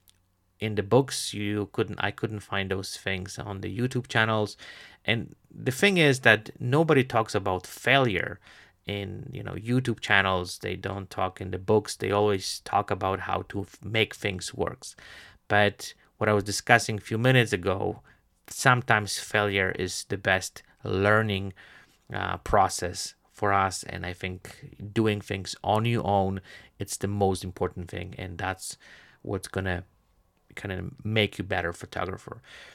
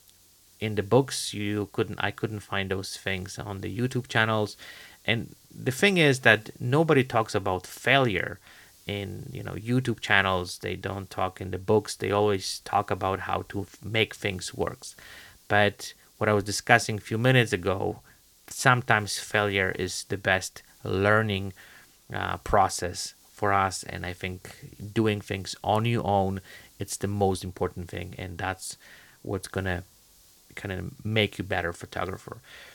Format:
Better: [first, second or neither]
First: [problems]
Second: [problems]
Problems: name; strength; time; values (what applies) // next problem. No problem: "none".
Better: first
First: none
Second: hiss; faint; throughout; 30 dB below the speech